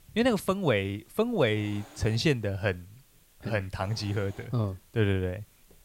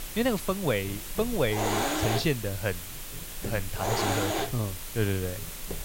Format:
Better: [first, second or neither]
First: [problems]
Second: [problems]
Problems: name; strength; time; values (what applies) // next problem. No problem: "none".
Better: first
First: hiss; faint; throughout; 25 dB below the speech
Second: hiss; loud; throughout; 2 dB below the speech